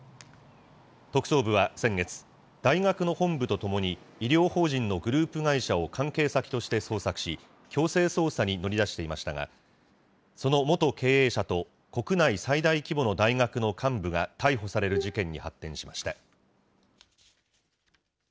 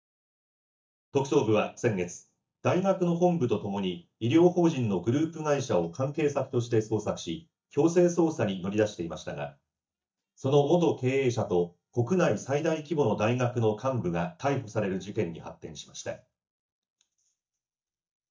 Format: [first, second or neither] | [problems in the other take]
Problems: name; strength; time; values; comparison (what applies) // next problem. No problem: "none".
first | noise reduction (neural mask model DeepFilterNet 3)